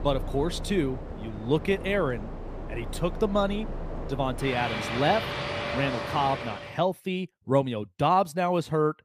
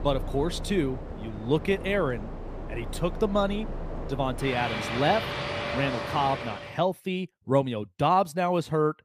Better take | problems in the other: neither | train or aircraft noise; loud; until 6.5 s; 7 dB below the speech; the same in both

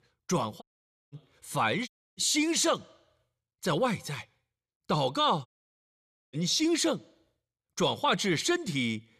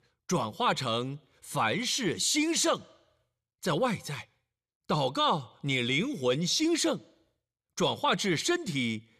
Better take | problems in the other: second | audio cutting out; at 0.5 s for 0.5 s, at 2 s and at 5.5 s for 1 s

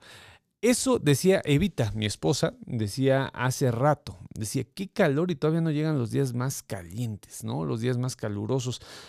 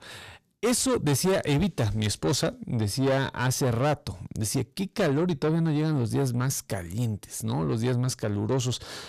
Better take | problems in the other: first | distortion; heavy; 8 dB below the speech

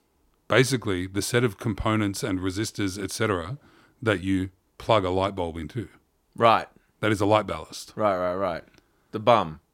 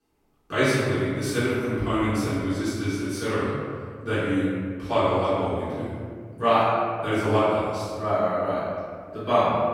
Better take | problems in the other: first | off-mic speech; far // room echo; strong; dies away in 1.8 s

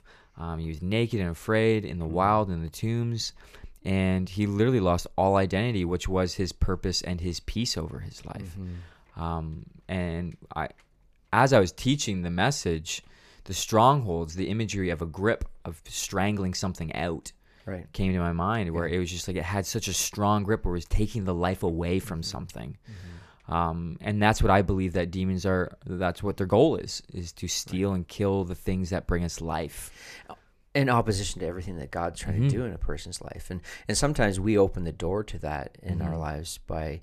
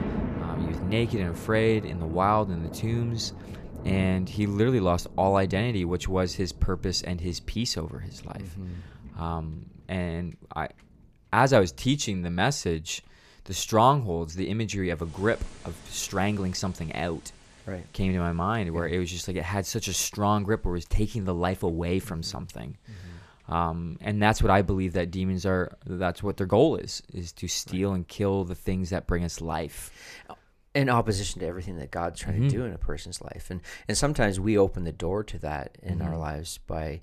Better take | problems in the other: first | rain or running water; noticeable; throughout; 15 dB below the speech

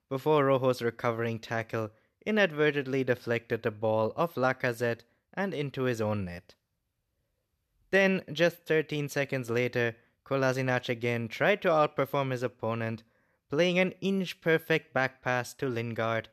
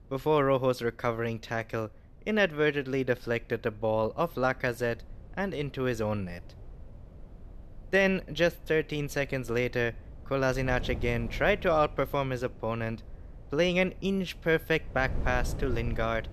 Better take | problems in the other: first | wind noise on the microphone; occasional gusts; 25 dB below the speech

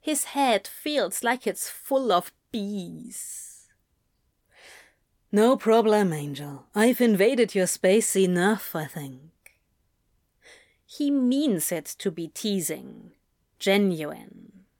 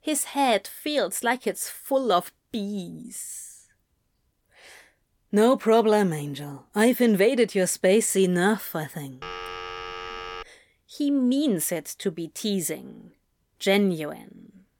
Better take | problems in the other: first | phone ringing; faint; from 9 to 10 s; peak 10 dB below the speech

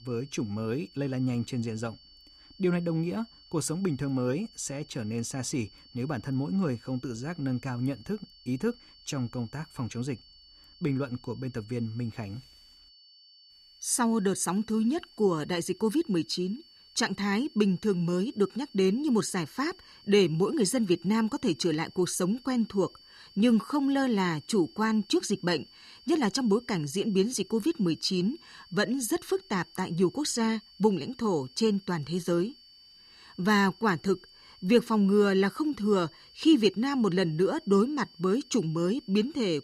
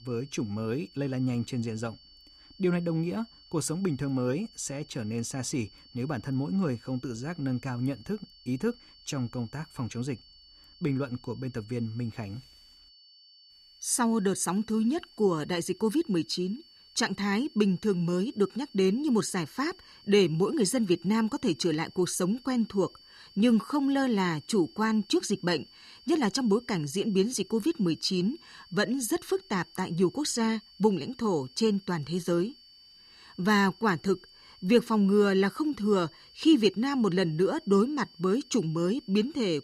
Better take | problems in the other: neither | high-pitched whine; faint; throughout; 4.5 kHz, 25 dB below the speech; the same in both

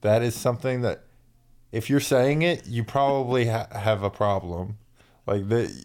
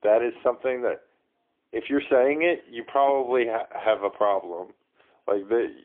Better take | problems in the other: first | phone-call audio; poor line; nothing above 3.5 kHz

